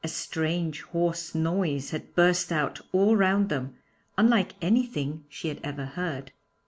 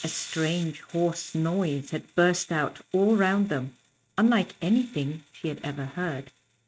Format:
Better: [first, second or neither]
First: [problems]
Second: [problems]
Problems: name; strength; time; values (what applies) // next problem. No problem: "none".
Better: first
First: none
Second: noise reduction (neural mask model RNNoise)